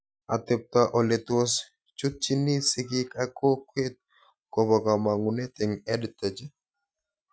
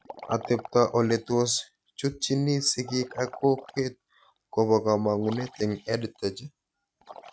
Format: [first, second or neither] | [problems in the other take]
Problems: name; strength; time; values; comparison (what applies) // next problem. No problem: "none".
first | background sound (Liquid); 20 dB below the speech